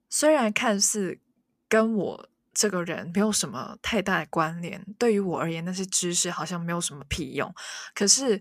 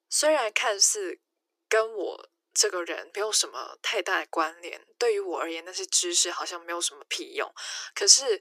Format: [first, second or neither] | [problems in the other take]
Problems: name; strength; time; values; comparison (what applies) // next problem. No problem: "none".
first | thin; very; fading below 350 Hz